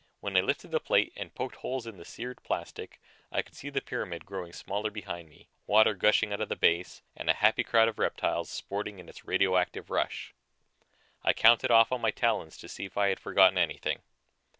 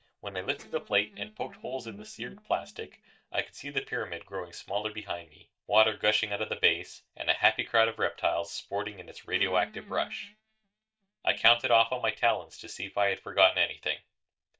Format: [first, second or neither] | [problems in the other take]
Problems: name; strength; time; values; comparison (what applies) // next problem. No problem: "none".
first | noise reduction (neural mask model DeepFilterNet 3)